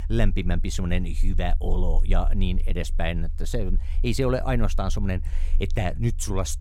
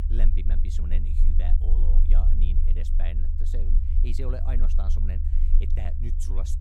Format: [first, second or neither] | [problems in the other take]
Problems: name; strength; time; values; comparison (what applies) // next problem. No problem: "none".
first | low rumble; loud; throughout; 3 dB below the speech; faint in the first